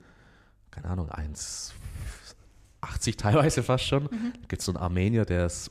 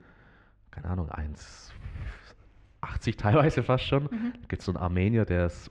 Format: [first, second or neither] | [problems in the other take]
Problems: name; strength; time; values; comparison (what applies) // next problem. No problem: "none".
first | muffled; slightly; fading above 2.5 kHz